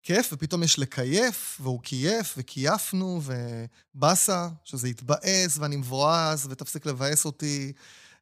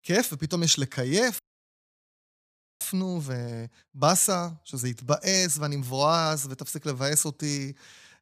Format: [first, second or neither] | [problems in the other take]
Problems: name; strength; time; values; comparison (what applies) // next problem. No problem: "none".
first | audio cutting out; at 1.5 s for 1.5 s